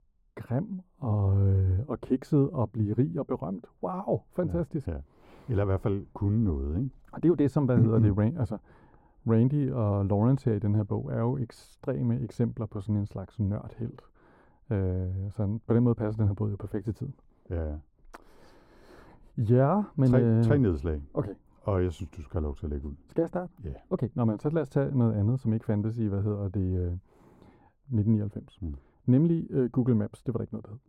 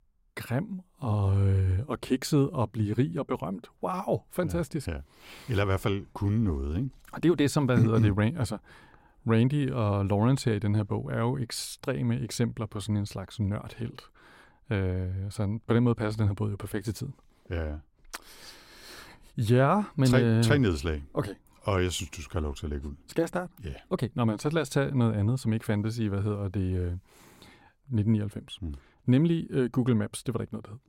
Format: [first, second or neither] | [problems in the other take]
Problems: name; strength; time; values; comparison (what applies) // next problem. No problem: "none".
second | muffled; very; fading above 1.5 kHz